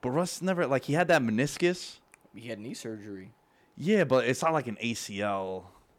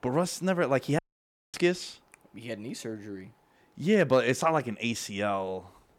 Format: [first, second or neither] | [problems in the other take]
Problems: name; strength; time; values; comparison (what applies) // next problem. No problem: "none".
first | audio cutting out; at 1 s for 0.5 s